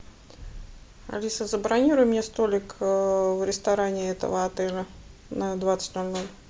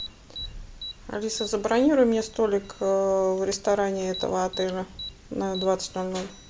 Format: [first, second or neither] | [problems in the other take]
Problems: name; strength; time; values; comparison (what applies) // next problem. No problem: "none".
first | background sound (Alarm); 17 dB below the speech